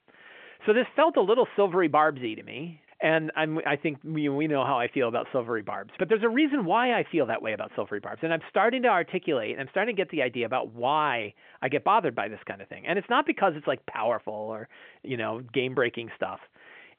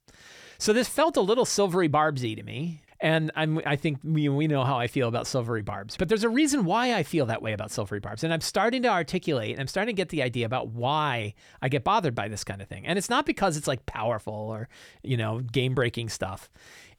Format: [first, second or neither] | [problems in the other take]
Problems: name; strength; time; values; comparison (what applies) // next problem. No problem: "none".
second | phone-call audio; nothing above 3.5 kHz